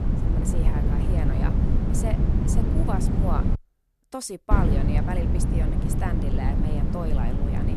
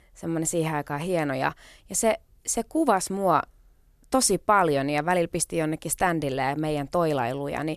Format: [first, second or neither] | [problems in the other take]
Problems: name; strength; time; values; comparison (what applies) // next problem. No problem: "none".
second | wind noise on the microphone; heavy; until 3.5 s and from 4.5 s on; as loud as the speech